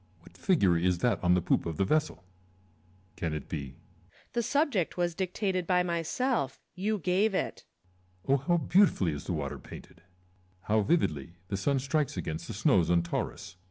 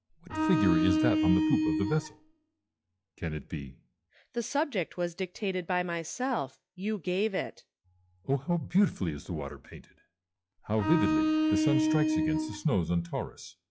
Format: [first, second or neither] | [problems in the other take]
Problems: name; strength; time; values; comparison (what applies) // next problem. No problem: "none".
first | noise reduction (classical method log-MMSE)